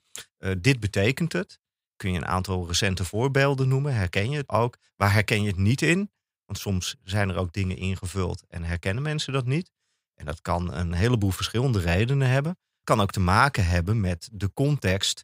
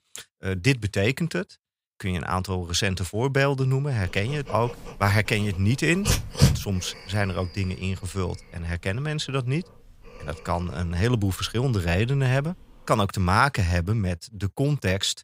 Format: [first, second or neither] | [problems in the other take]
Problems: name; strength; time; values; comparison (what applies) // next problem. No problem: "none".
first | dog barking; loud; at 6 s; peak 5 dB above the speech